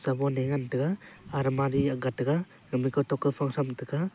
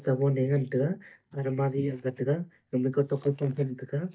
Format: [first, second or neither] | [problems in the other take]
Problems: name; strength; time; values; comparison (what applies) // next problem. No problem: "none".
first | noise reduction (neural mask model DeepFilterNet 3)